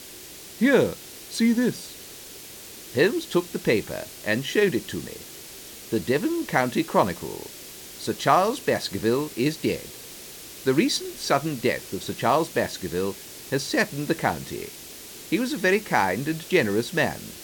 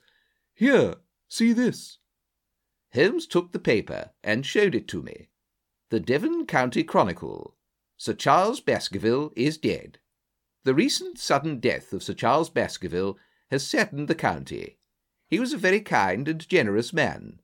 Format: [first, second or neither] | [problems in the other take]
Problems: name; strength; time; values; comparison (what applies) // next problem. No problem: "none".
second | hiss; noticeable; throughout; 15 dB below the speech